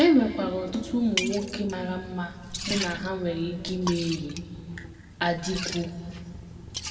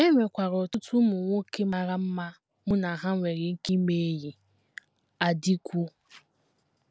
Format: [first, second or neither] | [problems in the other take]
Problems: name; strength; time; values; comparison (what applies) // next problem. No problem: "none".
second | background sound (Liquid); 10 dB below the speech // room echo; dies away in 2.2 s